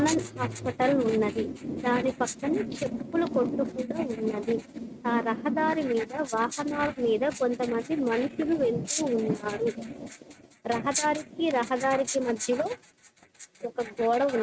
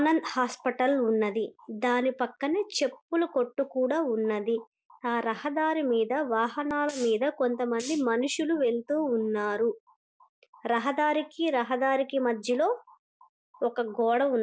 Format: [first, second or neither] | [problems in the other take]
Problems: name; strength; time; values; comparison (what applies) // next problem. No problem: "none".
second | noise reduction (neural mask model RNNoise)